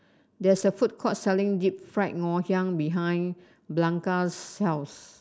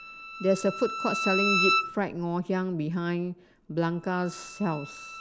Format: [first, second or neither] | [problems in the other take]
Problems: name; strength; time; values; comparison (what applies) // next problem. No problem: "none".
first | background sound (Bowed string instrument); 4 dB below the speech